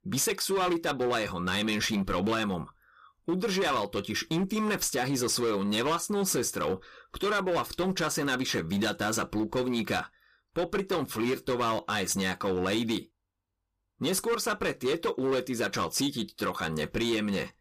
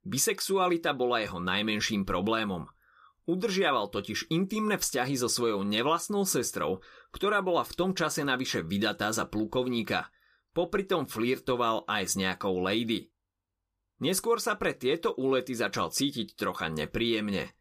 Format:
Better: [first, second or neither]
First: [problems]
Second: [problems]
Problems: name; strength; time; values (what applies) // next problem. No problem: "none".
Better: second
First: distortion; slight; 12% of the sound clipped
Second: none